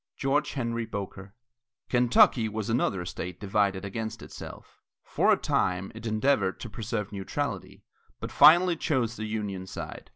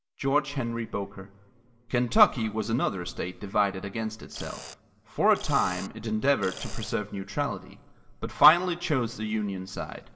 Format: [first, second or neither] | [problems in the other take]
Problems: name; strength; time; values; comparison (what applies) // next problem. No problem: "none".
first | background sound (Mechanisms); 17 dB below the speech // room echo; dies away in 1.2 s